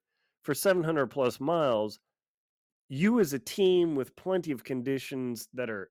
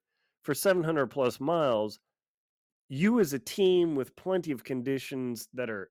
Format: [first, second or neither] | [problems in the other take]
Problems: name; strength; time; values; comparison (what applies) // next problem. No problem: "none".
neither | none